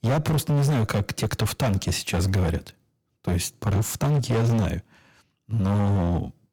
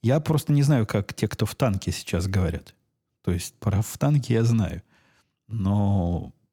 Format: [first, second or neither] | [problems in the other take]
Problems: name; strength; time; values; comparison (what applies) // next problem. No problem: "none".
second | distortion; heavy; 20% of the sound clipped